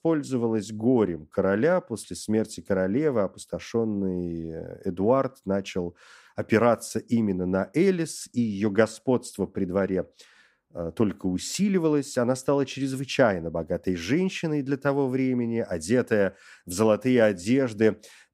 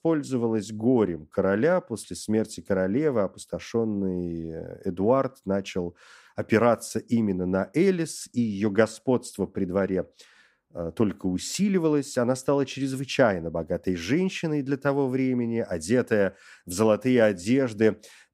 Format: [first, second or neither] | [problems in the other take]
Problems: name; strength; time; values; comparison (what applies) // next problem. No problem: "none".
neither | none